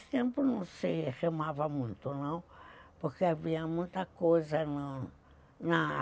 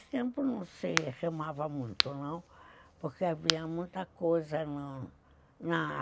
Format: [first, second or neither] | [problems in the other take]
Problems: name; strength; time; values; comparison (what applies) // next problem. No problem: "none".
first | background sound (Crack); 3 dB below the speech